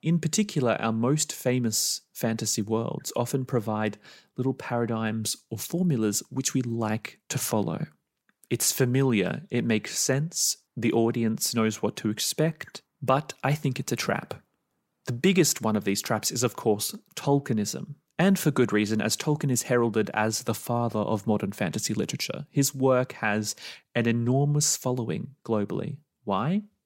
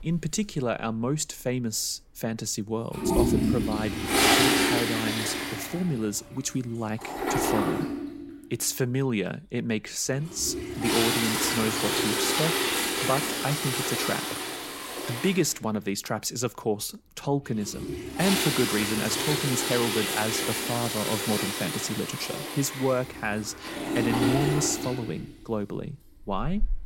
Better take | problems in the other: first | household noises; very loud; throughout; 3 dB above the speech

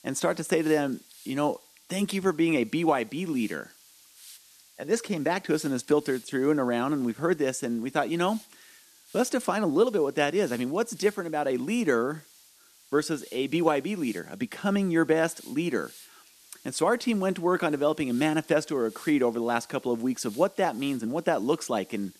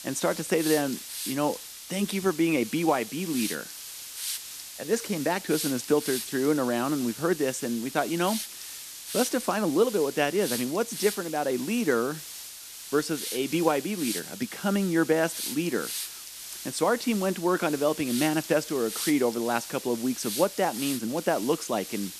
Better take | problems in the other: first | hiss; loud; throughout; 8 dB below the speech; faint in the first

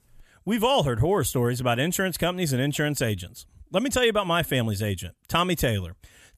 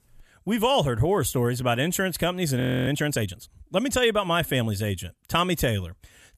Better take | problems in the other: first | audio freezing; at 2.5 s

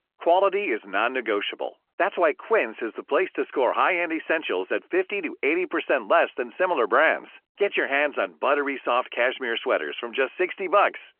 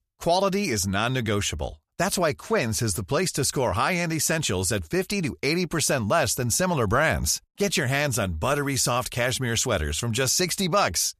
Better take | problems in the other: second | phone-call audio

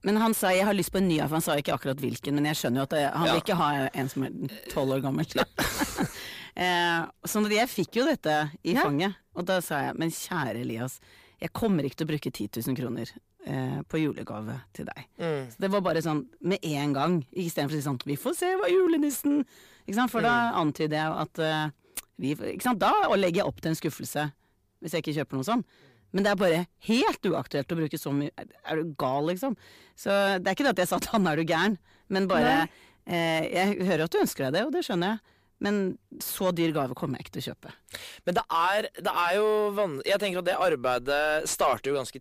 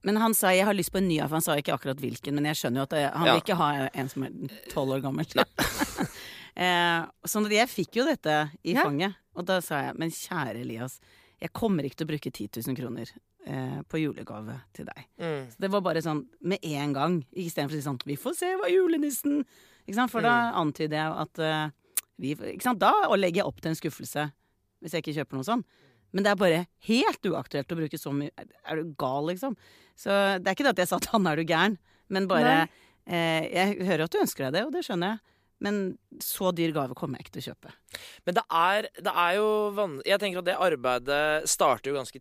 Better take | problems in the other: second | distortion; slight; 10 dB below the speech

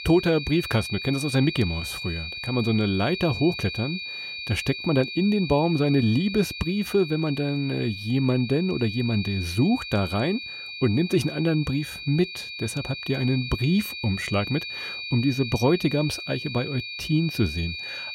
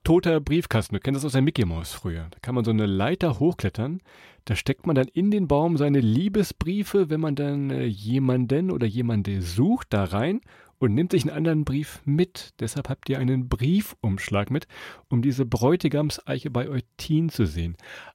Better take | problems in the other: second | high-pitched whine; loud; throughout; 2.5 kHz, 8 dB below the speech

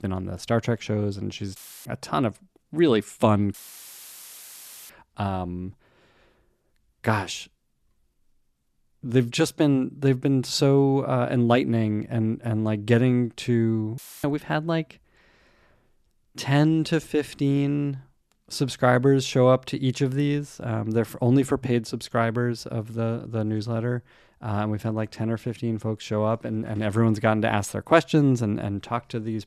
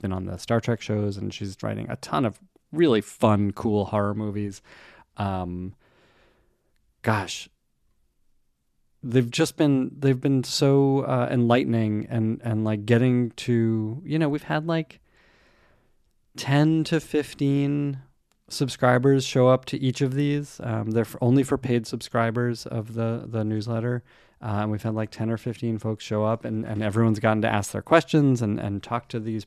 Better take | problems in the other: second | audio cutting out; filled with static; at 1.5 s, at 3.5 s for 1.5 s and at 14 s

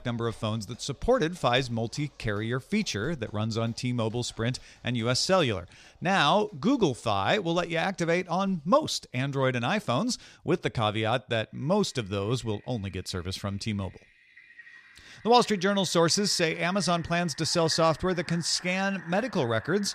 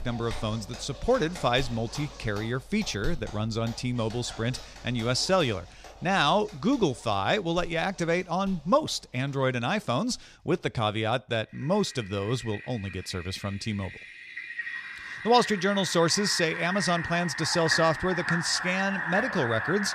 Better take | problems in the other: first | household noises; loud; throughout; 8 dB below the speech; faint in the first

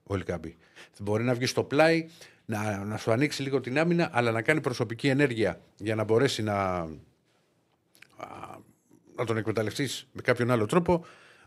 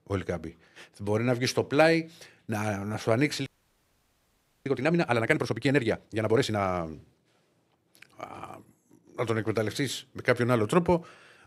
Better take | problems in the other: first | audio freezing; at 3.5 s for 1 s

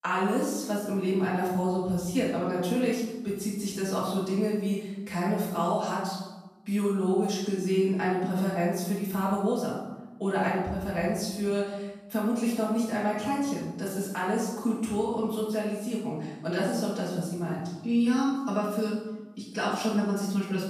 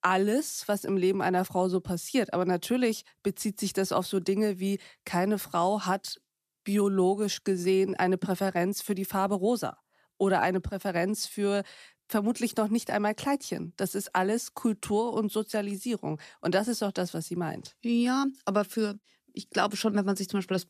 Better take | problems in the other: second | off-mic speech; far // room echo; noticeable; dies away in 0.9 s

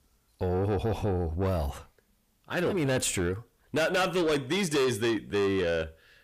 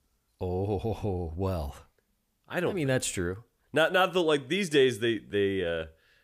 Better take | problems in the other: second | distortion; heavy; 7 dB below the speech

